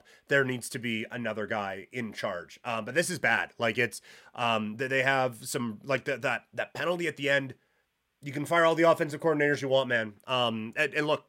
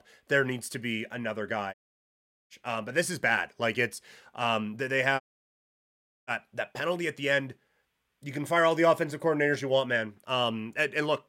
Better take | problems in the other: first | audio cutting out; at 1.5 s for 1 s and at 5 s for 1 s

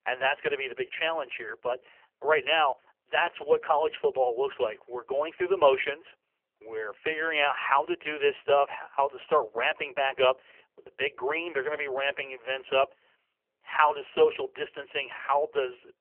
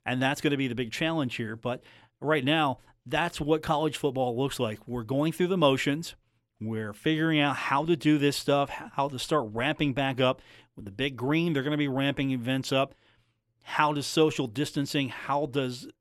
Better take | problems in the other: second | phone-call audio; poor line; nothing above 3 kHz

